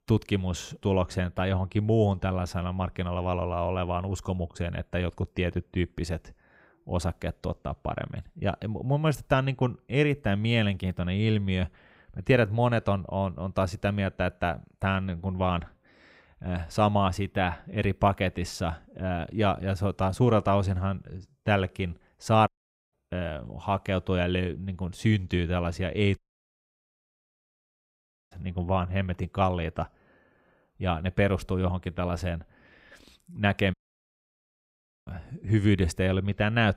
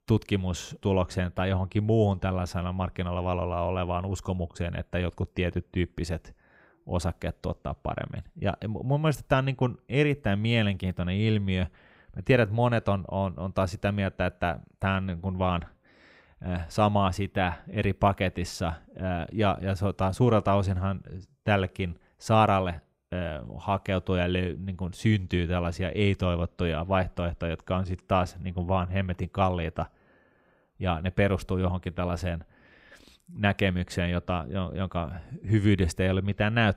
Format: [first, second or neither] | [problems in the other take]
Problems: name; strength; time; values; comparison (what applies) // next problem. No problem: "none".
second | audio cutting out; at 22 s, at 26 s for 2 s and at 34 s for 1.5 s